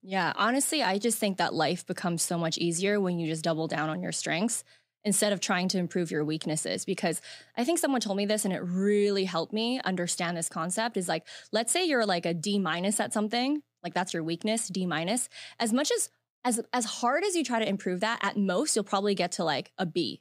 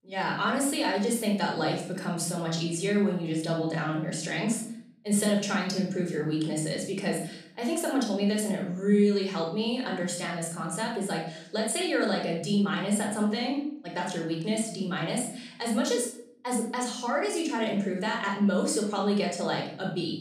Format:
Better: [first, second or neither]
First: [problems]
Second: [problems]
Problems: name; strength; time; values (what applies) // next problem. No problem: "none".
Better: first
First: none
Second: off-mic speech; somewhat distant // room echo; noticeable; dies away in 0.6 s